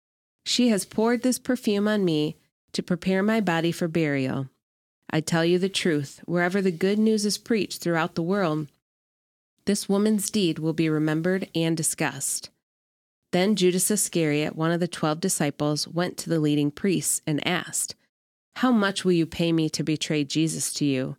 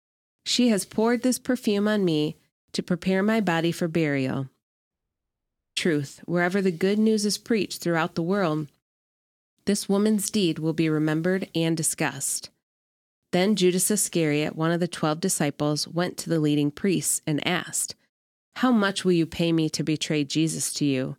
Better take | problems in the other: first | audio cutting out; at 5 s for 1 s

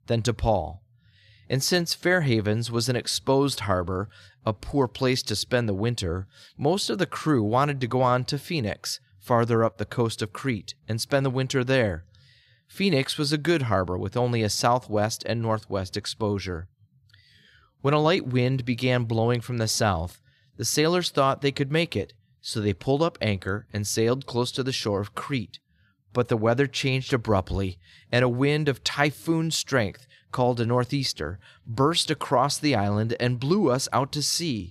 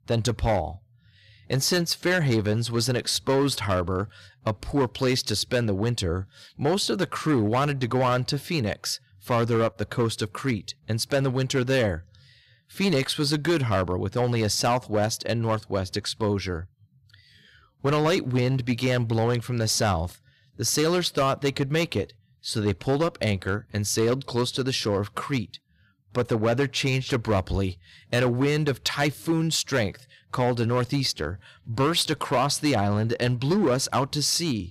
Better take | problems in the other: first | distortion; slight; 6% of the sound clipped

